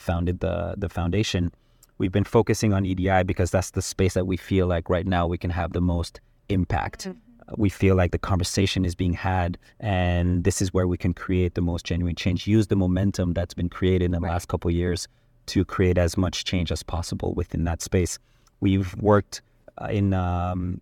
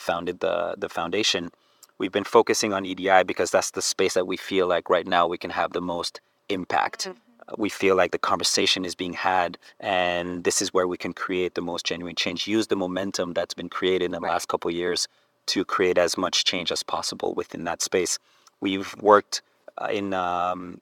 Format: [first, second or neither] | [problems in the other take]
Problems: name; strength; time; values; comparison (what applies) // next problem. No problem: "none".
first | thin; somewhat; fading below 400 Hz